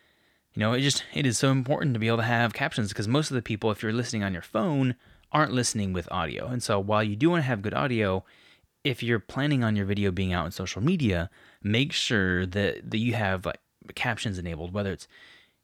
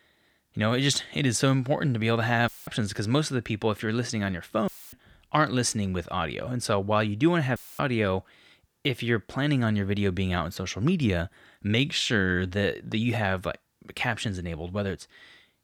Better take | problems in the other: first | audio cutting out; filled with static; at 2.5 s, at 4.5 s and at 7.5 s

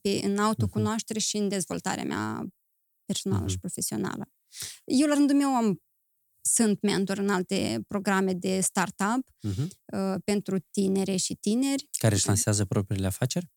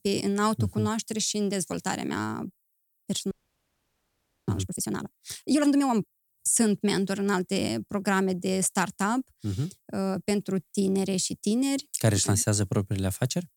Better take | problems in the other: first | audio freezing; at 3.5 s for 1 s

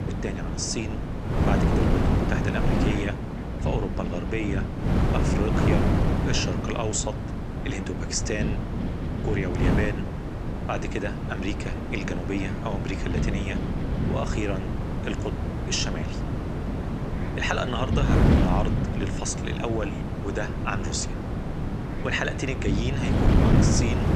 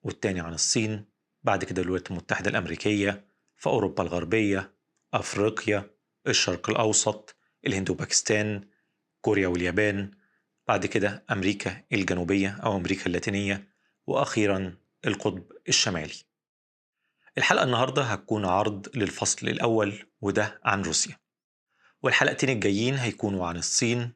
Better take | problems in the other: second | wind noise on the microphone; heavy; 1 dB below the speech

